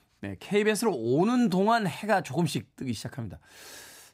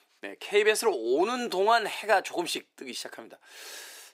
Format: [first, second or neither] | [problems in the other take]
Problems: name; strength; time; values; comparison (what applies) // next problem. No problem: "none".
first | thin; very; fading below 400 Hz